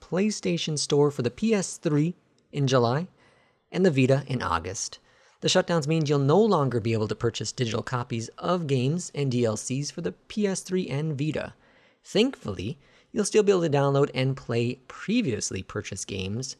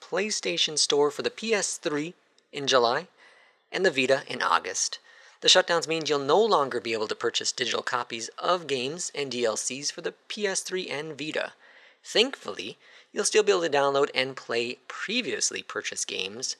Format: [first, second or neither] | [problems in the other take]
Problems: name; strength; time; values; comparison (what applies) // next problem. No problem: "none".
first | thin; somewhat; fading below 500 Hz